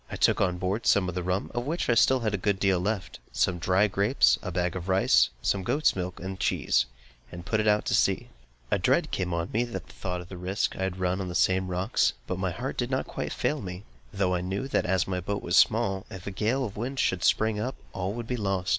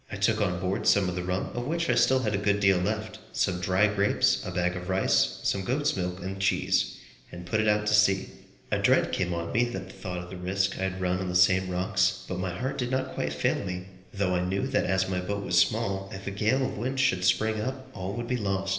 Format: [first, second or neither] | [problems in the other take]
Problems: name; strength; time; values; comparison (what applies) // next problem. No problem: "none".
first | room echo; dies away in 0.8 s